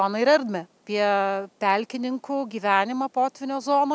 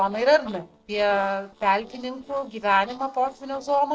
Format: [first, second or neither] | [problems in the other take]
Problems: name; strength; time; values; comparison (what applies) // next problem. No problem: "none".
first | noise reduction (neural separator model SepFormer DNS4)